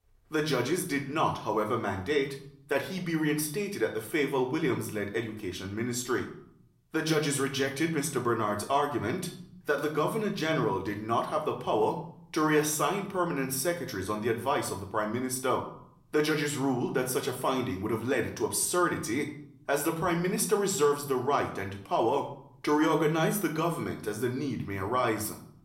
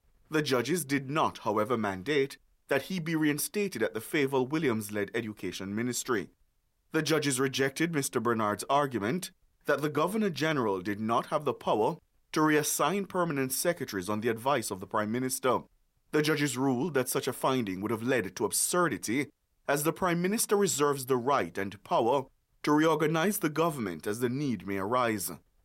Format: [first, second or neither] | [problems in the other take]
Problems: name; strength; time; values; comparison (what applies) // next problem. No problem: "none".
second | room echo; slight; dies away in 0.5 s // off-mic speech; somewhat distant